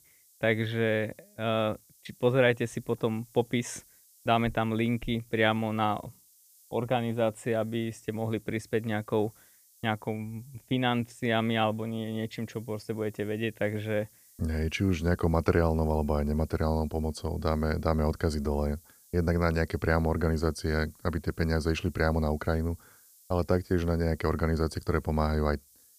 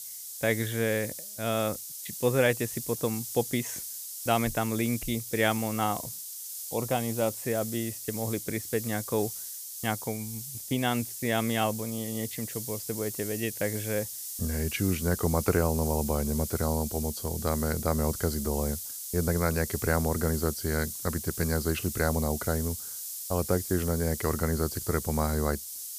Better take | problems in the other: first | hiss; loud; throughout; 6 dB below the speech; faint in the first

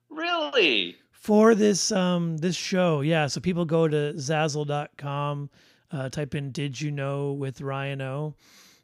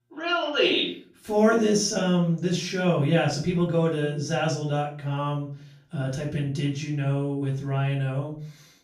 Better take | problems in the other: first | off-mic speech; far // room echo; slight; dies away in 0.4 s

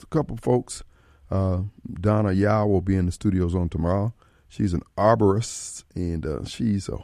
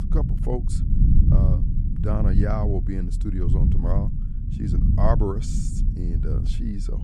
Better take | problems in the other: first | low rumble; loud; throughout; 4 dB below the speech

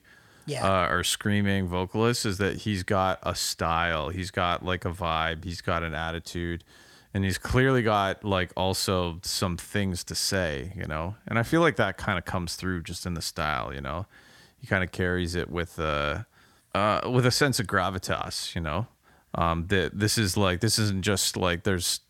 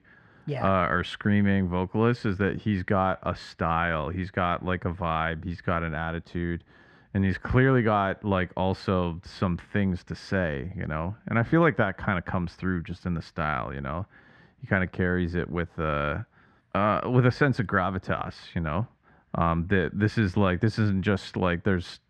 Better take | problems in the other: first | muffled; very; fading above 2 kHz

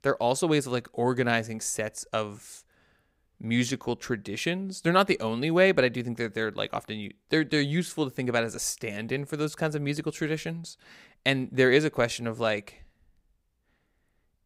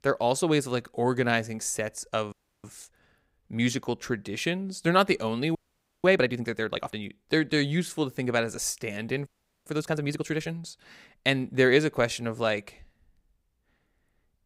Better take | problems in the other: first | audio freezing; at 2.5 s, at 5.5 s and at 9.5 s

